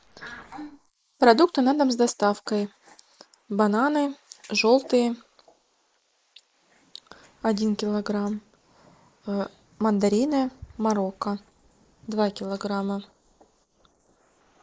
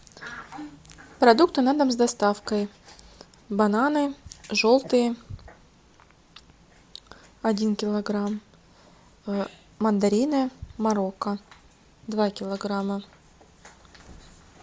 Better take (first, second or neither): second